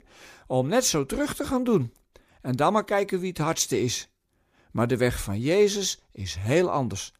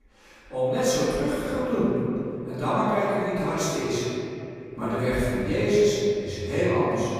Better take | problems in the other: first | room echo; strong; dies away in 2.6 s // off-mic speech; far

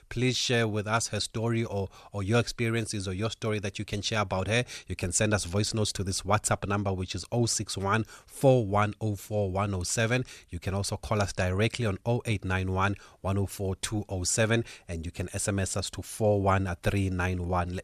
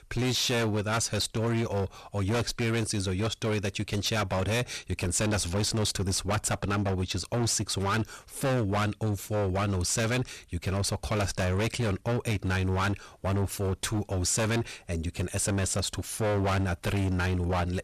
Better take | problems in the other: first | distortion; heavy; 23% of the sound clipped

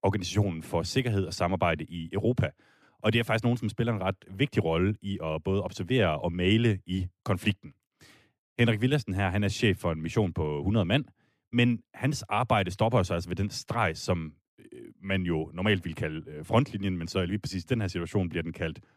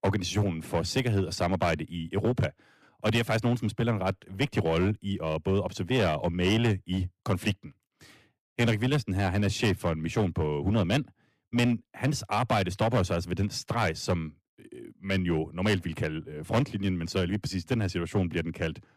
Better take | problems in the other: first | distortion; slight; 6% of the sound clipped

